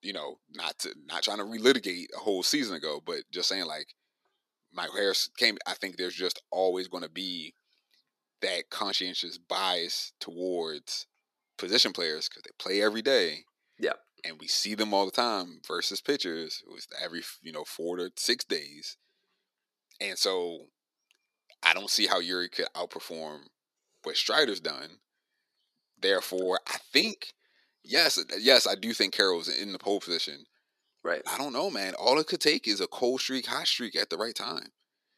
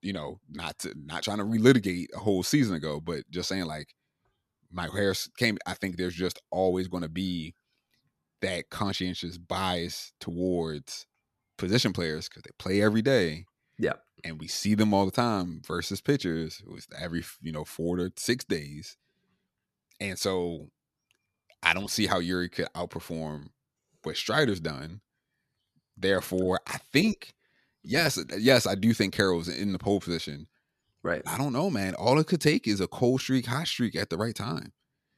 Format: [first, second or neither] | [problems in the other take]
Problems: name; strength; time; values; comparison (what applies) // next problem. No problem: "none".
second | thin; somewhat; fading below 350 Hz